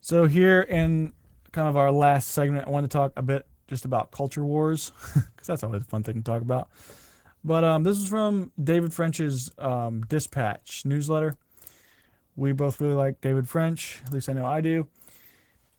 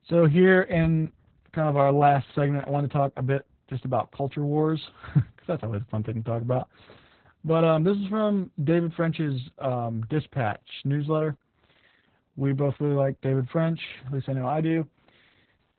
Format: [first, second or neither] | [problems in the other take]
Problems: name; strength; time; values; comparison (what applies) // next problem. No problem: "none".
first | garbled, watery; badly; nothing above 4 kHz; slightly in the first